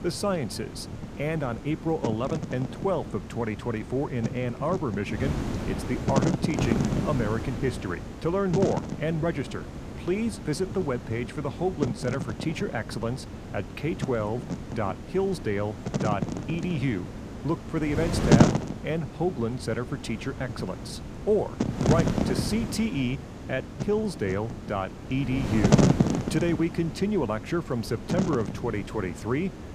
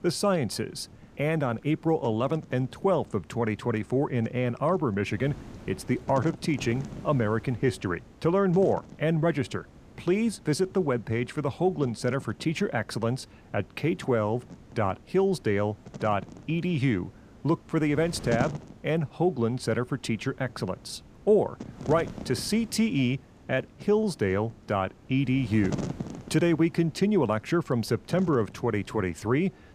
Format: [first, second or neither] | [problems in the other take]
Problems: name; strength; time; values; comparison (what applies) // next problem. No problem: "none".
second | wind noise on the microphone; heavy; 4 dB below the speech; occasional gusts in the second